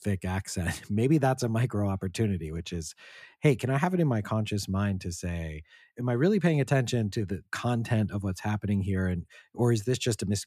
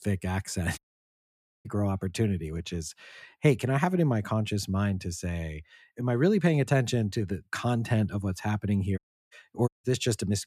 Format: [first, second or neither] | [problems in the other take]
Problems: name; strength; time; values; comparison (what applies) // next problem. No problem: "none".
first | audio cutting out; at 1 s for 1 s, at 9 s and at 9.5 s